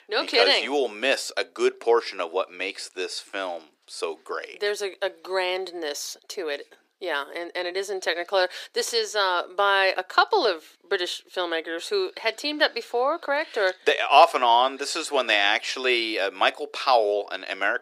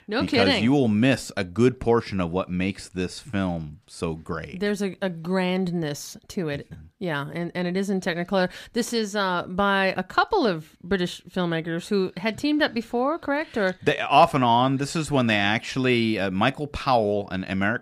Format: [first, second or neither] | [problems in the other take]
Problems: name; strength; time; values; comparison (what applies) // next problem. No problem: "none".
second | thin; very; fading below 350 Hz